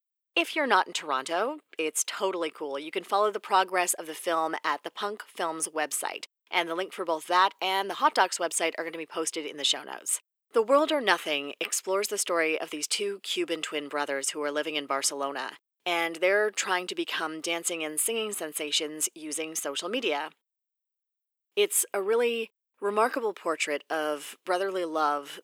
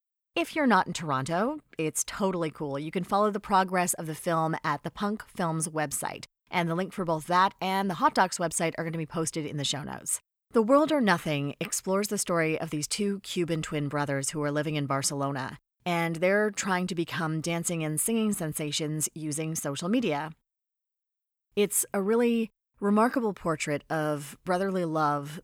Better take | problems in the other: second | thin; somewhat; fading below 350 Hz

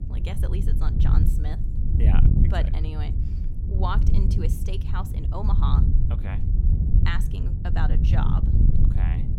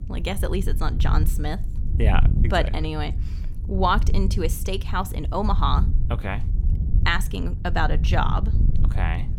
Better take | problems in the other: second | wind noise on the microphone; heavy; 2 dB below the speech; occasional gusts in the second

